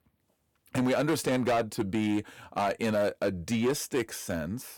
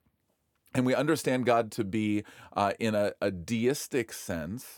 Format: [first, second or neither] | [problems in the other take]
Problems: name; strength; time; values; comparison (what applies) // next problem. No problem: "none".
second | distortion; slight; 9% of the sound clipped